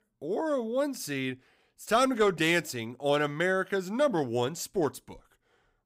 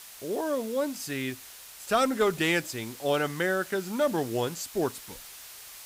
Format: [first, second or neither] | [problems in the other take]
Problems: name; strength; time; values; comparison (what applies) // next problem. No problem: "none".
first | hiss; noticeable; throughout; 15 dB below the speech